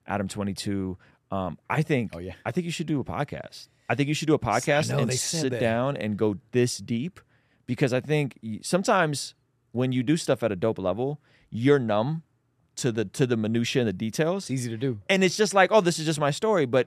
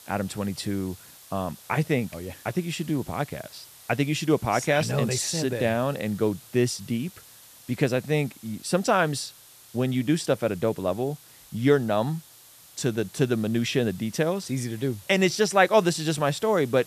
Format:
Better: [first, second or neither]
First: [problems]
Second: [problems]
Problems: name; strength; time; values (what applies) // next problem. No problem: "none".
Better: first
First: none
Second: hiss; faint; throughout; 20 dB below the speech